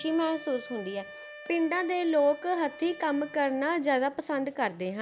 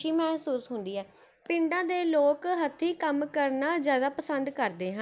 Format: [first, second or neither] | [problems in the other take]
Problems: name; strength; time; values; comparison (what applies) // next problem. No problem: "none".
second | background sound (Wind instrument, woodwind instrument); 18 dB below the speech